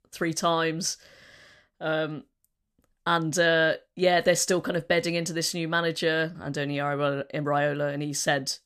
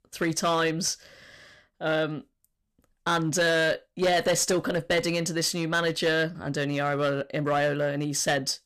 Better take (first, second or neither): first